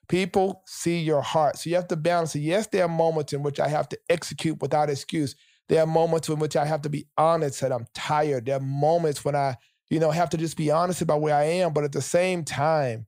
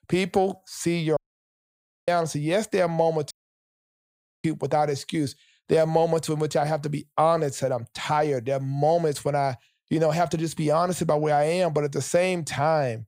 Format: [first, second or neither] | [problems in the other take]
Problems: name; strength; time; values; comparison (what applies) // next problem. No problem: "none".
first | audio cutting out; at 1 s for 1 s and at 3.5 s for 1 s